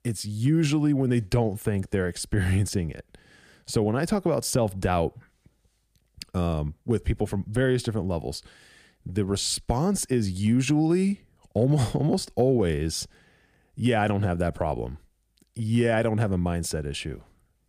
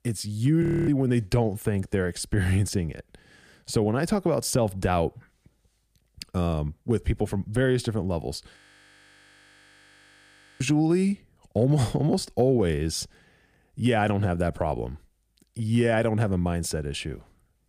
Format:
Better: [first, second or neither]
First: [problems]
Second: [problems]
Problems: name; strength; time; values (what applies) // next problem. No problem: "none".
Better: first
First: none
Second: audio freezing; at 0.5 s and at 8.5 s for 2 s